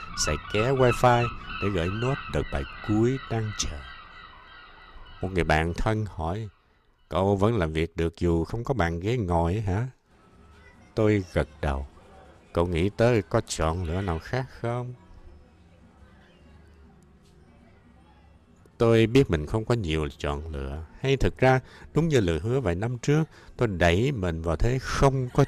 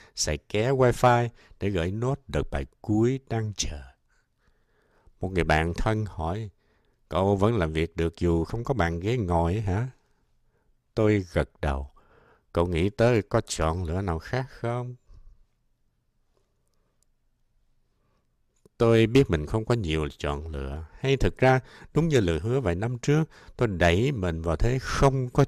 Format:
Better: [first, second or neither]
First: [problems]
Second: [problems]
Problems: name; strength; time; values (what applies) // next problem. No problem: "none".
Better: second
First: animal sounds; noticeable; throughout; 15 dB below the speech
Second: none